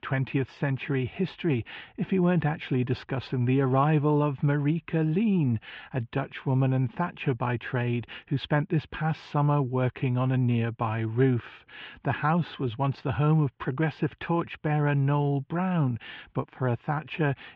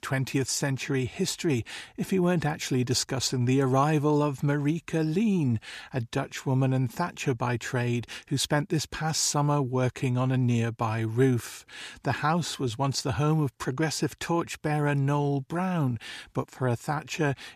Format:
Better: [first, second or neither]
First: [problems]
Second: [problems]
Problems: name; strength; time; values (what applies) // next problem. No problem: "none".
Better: second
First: muffled; very; fading above 3 kHz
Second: none